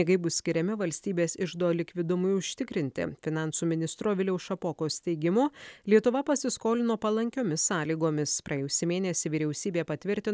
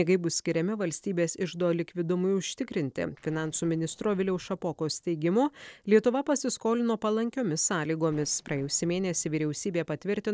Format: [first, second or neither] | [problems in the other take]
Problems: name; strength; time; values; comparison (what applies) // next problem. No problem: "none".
first | noise reduction (neural separator model SepFormer DNS4)